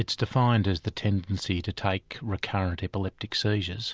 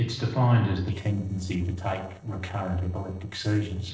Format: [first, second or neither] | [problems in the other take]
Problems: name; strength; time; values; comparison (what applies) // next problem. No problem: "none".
first | noise reduction (neural separator model SepFormer DNS4)